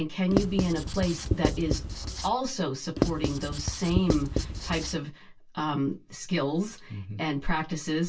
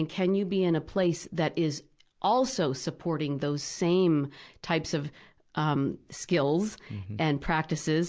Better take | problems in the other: second | background sound (Writing); 1 dB below the speech // room echo; dies away in 0.1 s

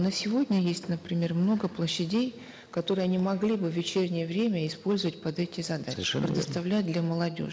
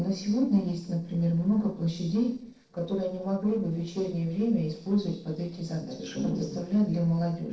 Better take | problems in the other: first | noise reduction (neural separator model SepFormer DNS4)

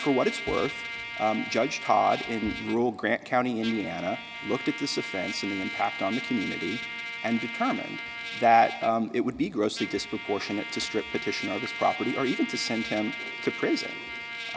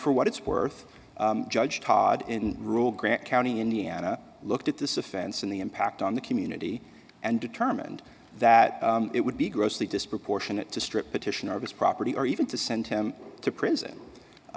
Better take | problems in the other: second | background sound (Trumpet); 8 dB below the speech

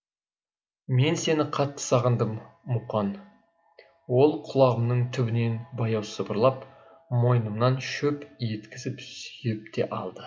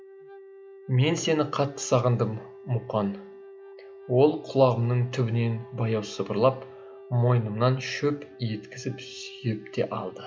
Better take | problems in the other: first | background sound (Wind instrument, woodwind instrument); 19 dB below the speech

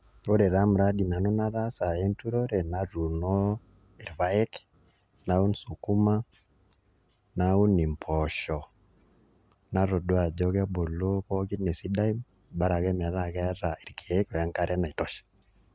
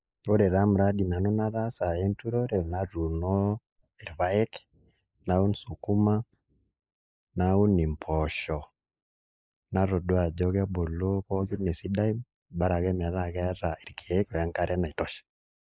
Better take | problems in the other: first | noise reduction (neural mask model Resemble Enhance denoiser)

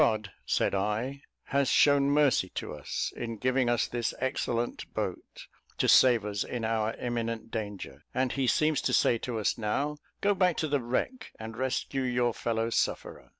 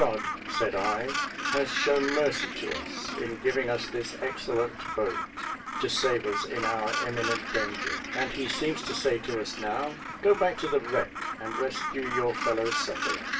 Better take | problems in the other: first | background sound (Gull, seagull); 4 dB below the speech // room echo; dies away in 0.2 s

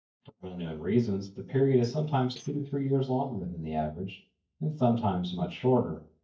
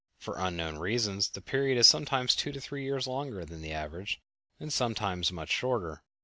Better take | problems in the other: second | noise reduction (neural mask model DeepFilterNet 3)

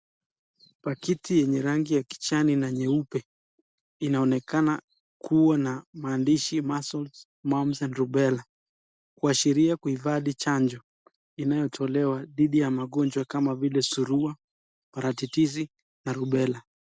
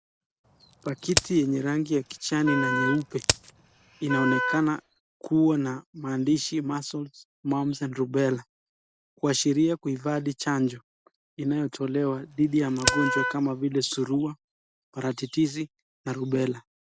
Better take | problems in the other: first | background sound (Crack + Wind instrument, woodwind instrument); 3 dB below the speech

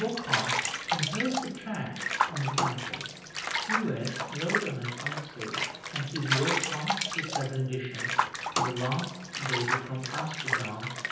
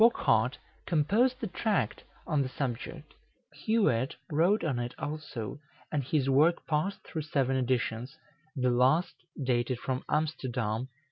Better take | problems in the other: second | background sound (Bathtub (filling or washing) / Water); 2 dB above the speech // room echo; dies away in 0.9 s

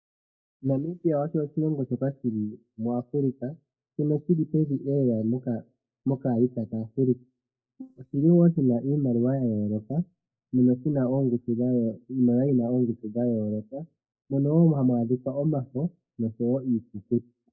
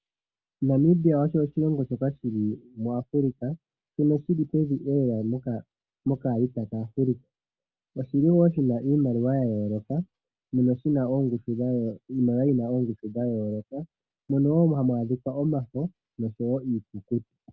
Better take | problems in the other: second | noise reduction (neural mask model DeepFilterNet 3)

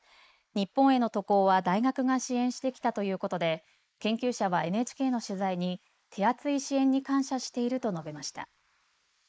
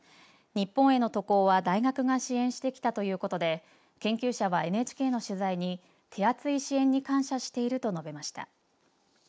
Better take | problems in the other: second | noise reduction (neural mask model Resemble Enhance denoiser)

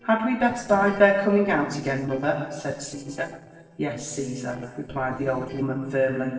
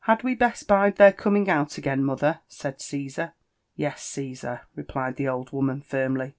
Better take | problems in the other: second | noise reduction (neural separator model SepFormer DNS4)

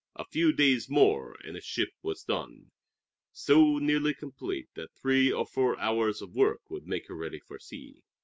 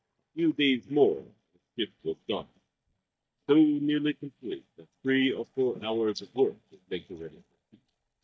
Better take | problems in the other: first | noise reduction (neural mask model DeepFilterNet 3)

